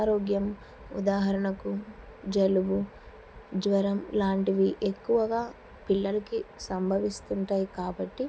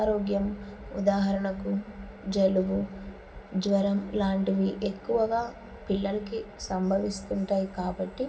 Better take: first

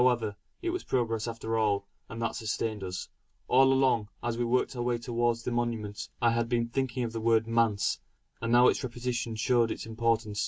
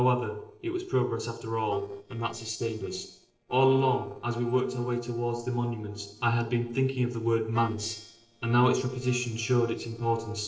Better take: first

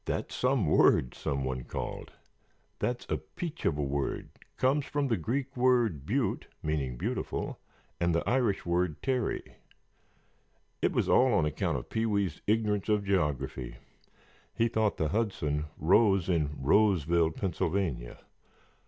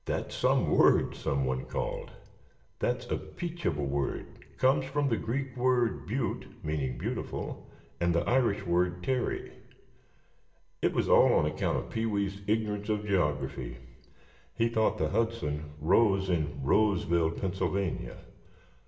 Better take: first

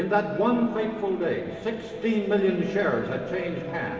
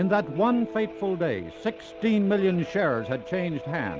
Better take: second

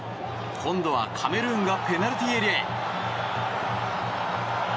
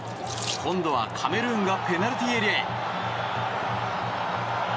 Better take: first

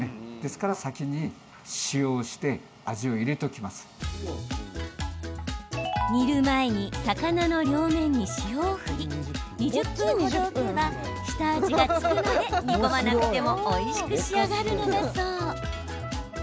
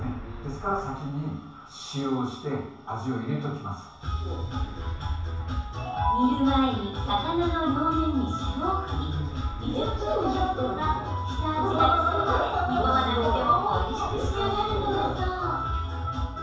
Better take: first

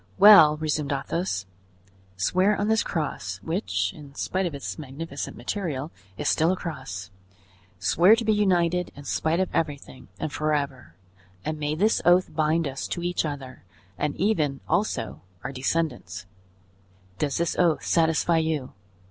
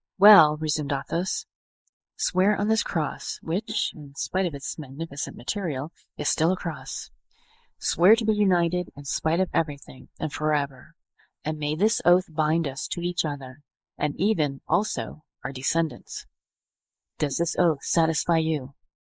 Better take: first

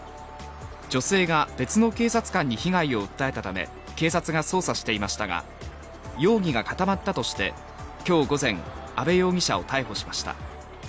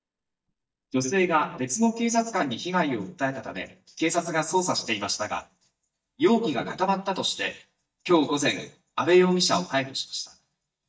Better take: first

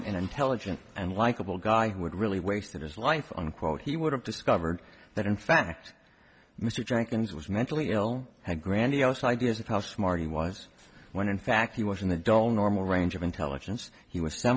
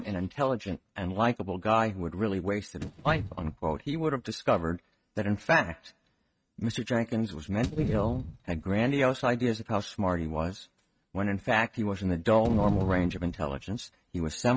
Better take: first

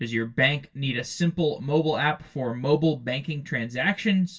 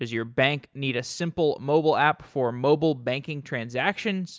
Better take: second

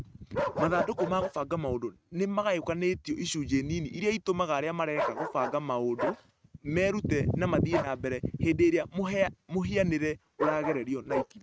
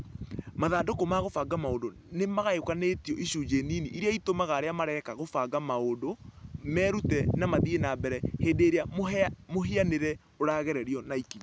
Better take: second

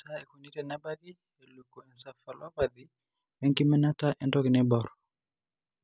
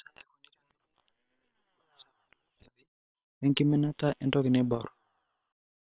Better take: first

